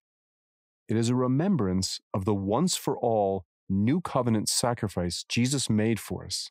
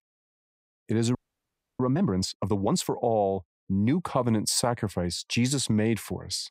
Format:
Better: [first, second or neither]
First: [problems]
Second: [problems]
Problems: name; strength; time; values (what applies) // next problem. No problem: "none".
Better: first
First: none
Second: audio freezing; at 1 s for 0.5 s